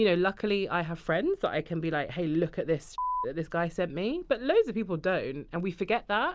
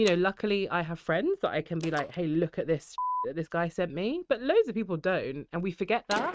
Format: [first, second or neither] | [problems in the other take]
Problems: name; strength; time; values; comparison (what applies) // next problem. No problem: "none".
first | noise reduction (neural mask model RNNoise)